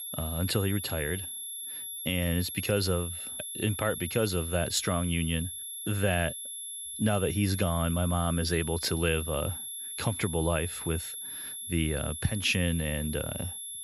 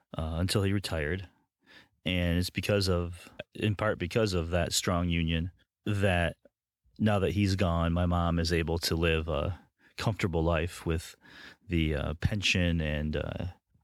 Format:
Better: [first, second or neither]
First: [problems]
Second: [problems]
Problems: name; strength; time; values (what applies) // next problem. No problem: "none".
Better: second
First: high-pitched whine; loud; throughout; 11 kHz, 6 dB below the speech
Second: none